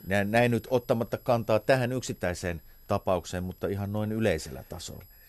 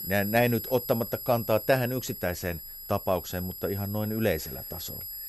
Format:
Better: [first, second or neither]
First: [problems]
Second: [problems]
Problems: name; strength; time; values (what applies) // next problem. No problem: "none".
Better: first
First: high-pitched whine; faint; throughout; 11.5 kHz, 25 dB below the speech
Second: high-pitched whine; loud; throughout; 11.5 kHz, 8 dB below the speech